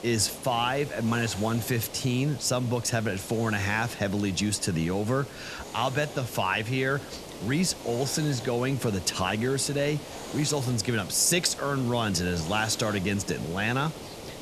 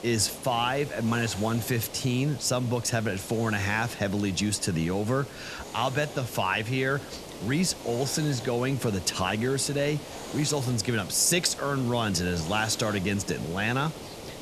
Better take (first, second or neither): neither